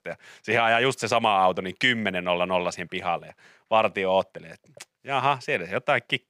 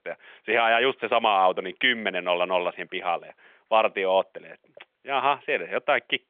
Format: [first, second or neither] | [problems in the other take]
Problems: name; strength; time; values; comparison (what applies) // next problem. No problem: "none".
first | phone-call audio; nothing above 3.5 kHz